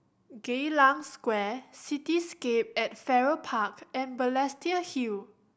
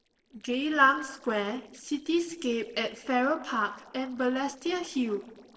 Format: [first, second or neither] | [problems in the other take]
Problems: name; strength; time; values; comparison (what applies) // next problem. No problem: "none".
first | noise reduction (neural separator model SepFormer DNS4)